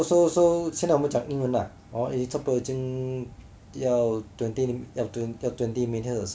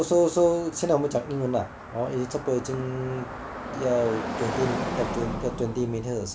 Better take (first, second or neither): first